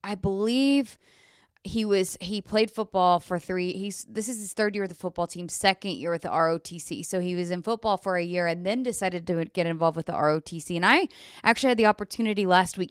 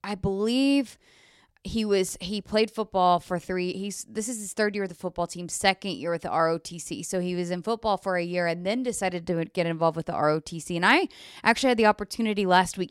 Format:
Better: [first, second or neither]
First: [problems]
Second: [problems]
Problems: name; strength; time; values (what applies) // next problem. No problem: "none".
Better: second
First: garbled, watery; slightly; nothing above 16 kHz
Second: none